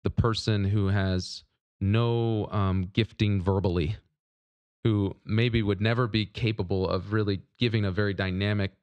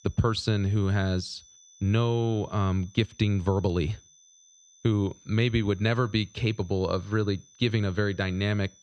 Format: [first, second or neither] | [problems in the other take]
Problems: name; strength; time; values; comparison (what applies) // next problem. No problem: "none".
first | high-pitched whine; faint; throughout; 6 kHz, 25 dB below the speech